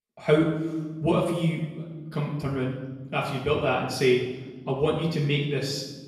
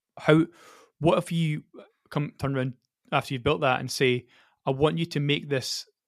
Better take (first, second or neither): second